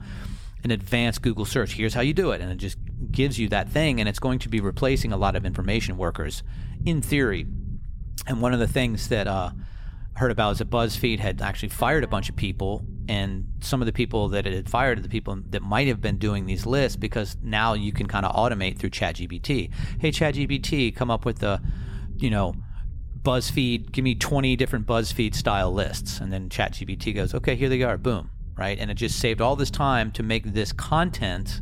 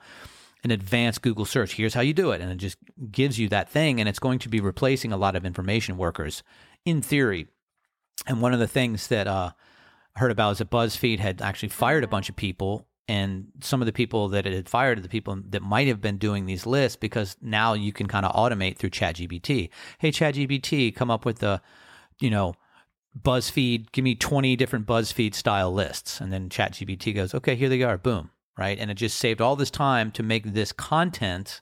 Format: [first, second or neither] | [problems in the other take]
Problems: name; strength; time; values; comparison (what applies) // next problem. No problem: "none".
second | low rumble; faint; throughout; 20 dB below the speech